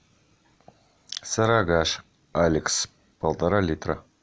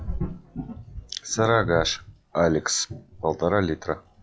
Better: first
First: none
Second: noise reduction (classical method log-MMSE)

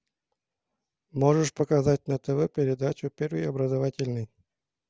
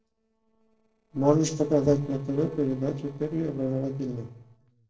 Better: first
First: none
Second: noise reduction (neural separator model SepFormer DNS4)

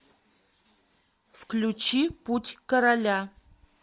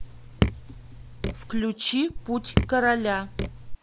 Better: first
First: none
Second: background sound (Raindrop / Drip); 1 dB below the speech

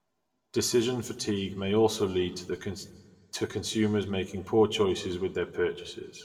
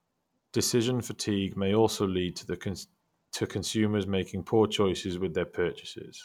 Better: second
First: room echo; dies away in 0.9 s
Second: none

